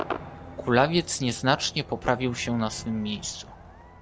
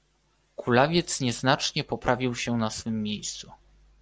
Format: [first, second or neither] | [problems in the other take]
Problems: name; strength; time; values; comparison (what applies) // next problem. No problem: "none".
second | background sound (Crowd / Cheering / Fireworks); 13 dB below the speech